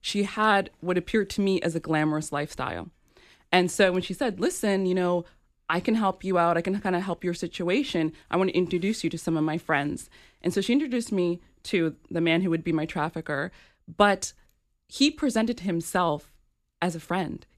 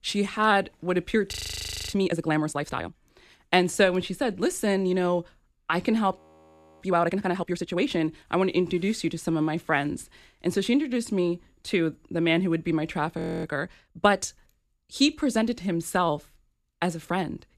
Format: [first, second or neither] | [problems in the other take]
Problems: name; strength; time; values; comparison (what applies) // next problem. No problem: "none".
first | audio freezing; at 1.5 s for 0.5 s, at 6 s for 0.5 s and at 13 s